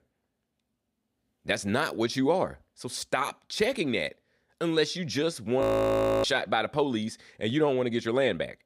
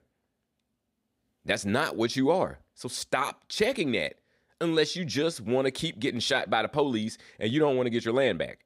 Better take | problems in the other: second | audio freezing; at 5.5 s for 0.5 s

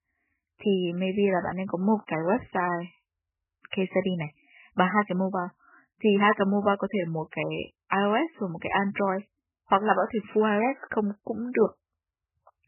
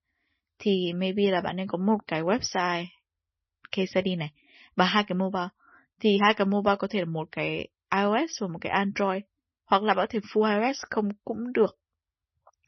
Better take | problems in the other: second | garbled, watery; badly; nothing above 3 kHz; slightly in the second

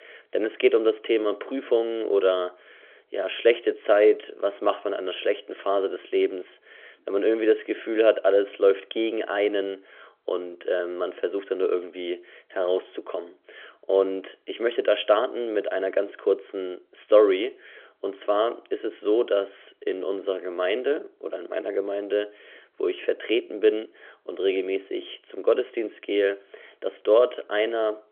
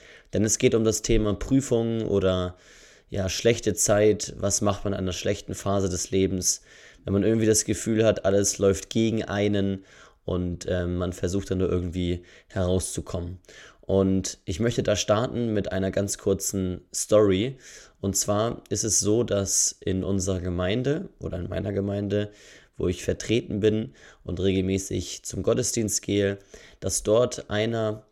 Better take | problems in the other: second | phone-call audio; nothing above 3.5 kHz

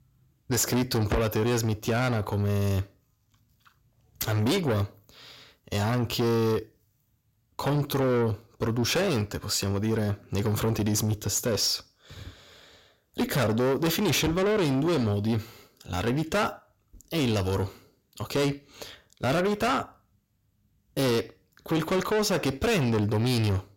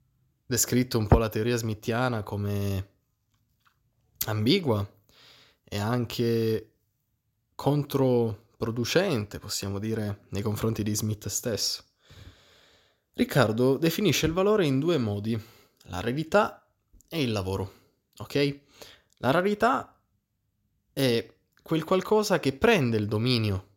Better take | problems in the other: second | distortion; heavy; 6 dB below the speech

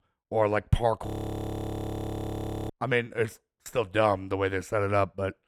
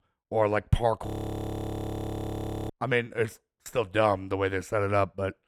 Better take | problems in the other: neither | audio freezing; at 1 s for 1.5 s; the same in both

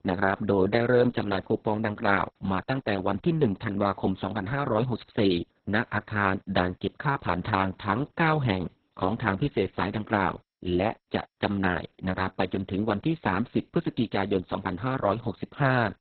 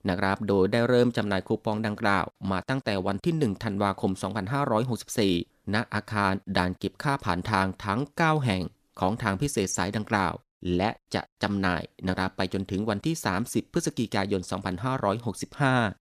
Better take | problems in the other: second | garbled, watery; badly; nothing above 4 kHz

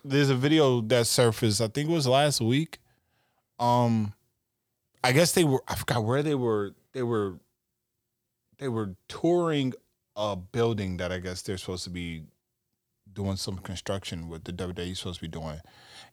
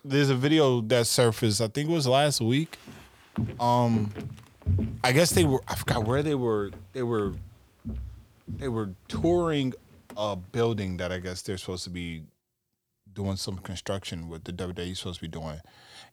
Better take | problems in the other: first | footsteps; noticeable; from 3.5 to 10 s; peak 2 dB below the speech

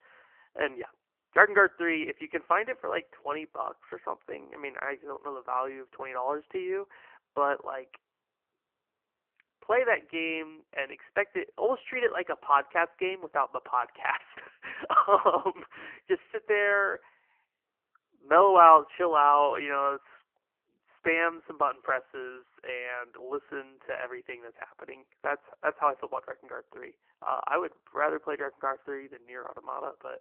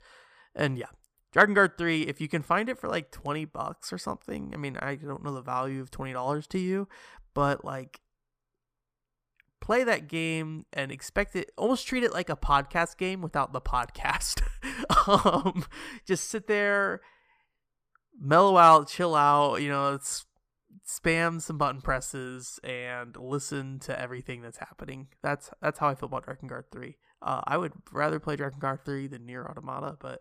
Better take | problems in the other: second | phone-call audio; poor line; nothing above 3 kHz

